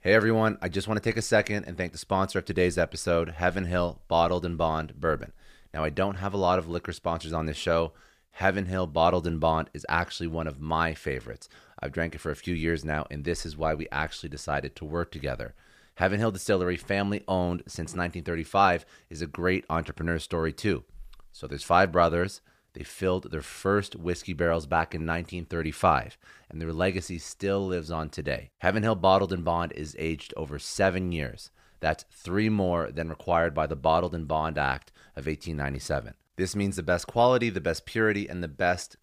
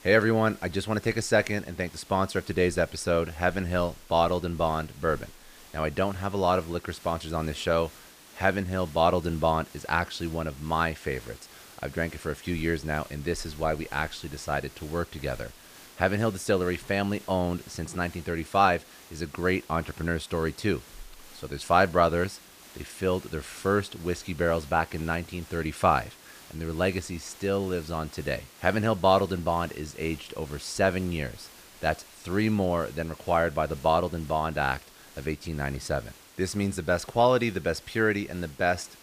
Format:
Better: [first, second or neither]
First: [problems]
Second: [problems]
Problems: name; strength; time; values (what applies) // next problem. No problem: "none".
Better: first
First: none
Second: hiss; faint; throughout; 20 dB below the speech